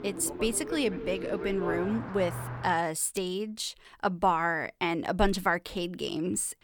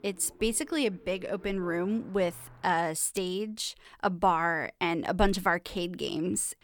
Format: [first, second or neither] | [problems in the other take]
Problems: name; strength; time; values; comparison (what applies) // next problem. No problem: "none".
second | traffic noise; loud; until 2.5 s; 7 dB below the speech; faint in the second